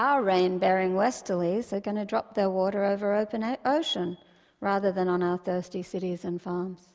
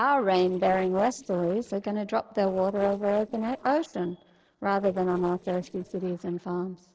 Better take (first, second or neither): first